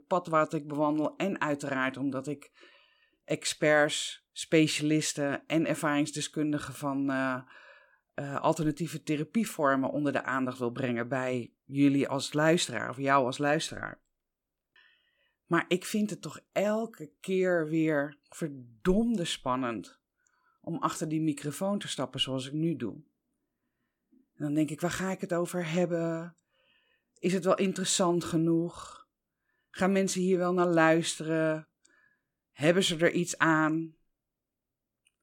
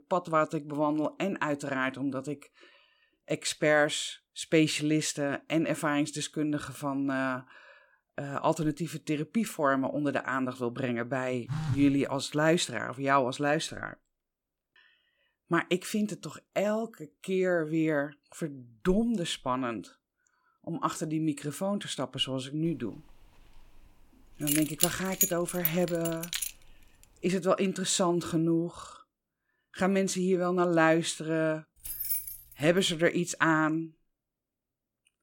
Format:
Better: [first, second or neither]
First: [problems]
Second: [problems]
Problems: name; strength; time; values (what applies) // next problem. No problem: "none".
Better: first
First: none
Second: phone ringing; noticeable; at 11 s; peak 4 dB below the speech // jangling keys; loud; from 24 to 26 s; peak 2 dB above the speech // jangling keys; noticeable; at 32 s; peak 1 dB below the speech